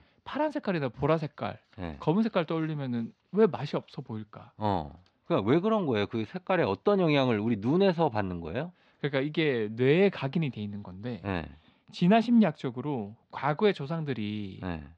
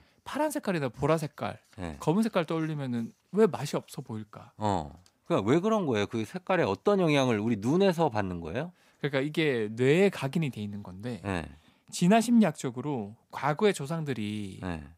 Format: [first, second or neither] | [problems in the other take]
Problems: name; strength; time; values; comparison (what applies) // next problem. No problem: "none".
second | muffled; very slightly; fading above 4 kHz